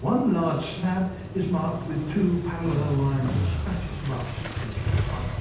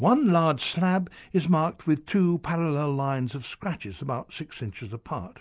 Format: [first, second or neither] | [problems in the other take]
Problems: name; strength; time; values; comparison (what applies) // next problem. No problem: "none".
second | background sound (Motorcycle); 3 dB below the speech // room echo; dies away in 0.8 s